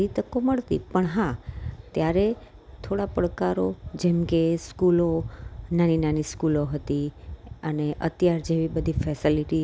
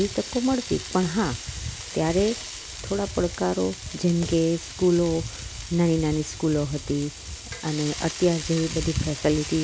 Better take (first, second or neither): first